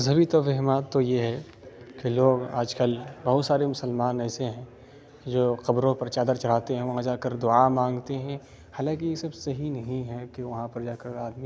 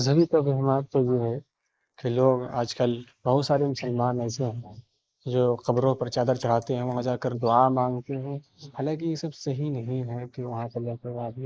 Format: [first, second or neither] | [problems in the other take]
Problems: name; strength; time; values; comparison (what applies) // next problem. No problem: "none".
first | noise reduction (neural mask model Resemble Enhance denoiser)